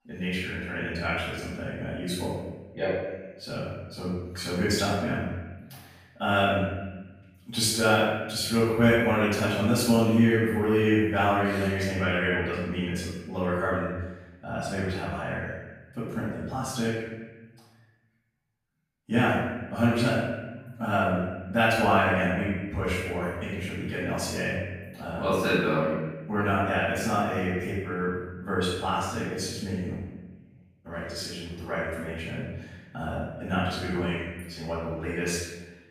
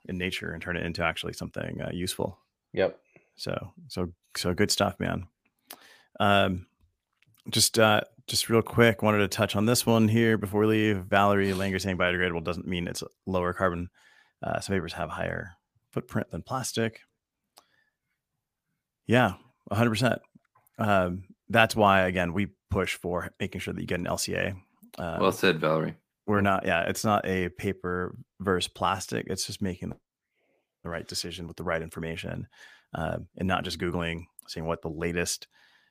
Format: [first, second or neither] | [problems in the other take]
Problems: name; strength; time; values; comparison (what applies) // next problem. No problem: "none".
second | off-mic speech; far // room echo; strong; dies away in 1.1 s